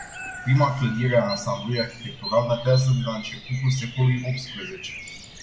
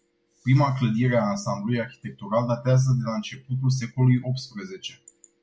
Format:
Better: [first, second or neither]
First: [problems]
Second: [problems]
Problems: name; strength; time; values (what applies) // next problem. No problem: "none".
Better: second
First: background sound (Bird vocalization, bird call, bird song); 14 dB below the speech // room echo; dies away in 0.8 s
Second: none